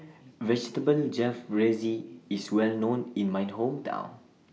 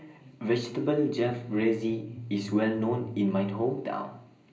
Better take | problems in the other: first | background sound (Bass guitar); 11 dB below the speech // room echo; dies away in 0.5 s

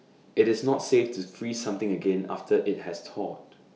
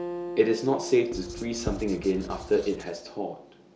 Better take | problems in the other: first | background sound (Writing + Acoustic guitar); 9 dB below the speech

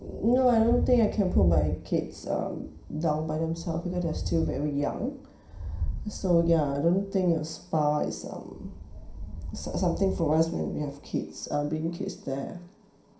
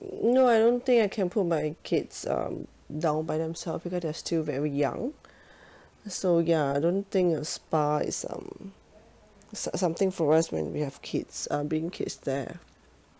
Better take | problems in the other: second | background sound (Thunder); 7 dB below the speech // room echo; dies away in 0.5 s

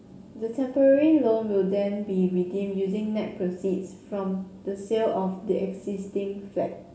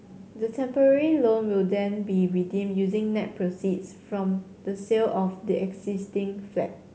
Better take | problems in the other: second | room echo; dies away in 0.7 s

